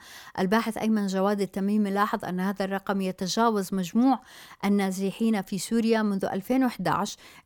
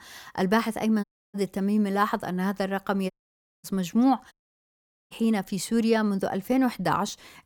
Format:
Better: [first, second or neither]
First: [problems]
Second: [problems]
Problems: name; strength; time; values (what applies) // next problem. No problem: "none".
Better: first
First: none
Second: audio cutting out; at 1 s, at 3 s for 0.5 s and at 4.5 s for 1 s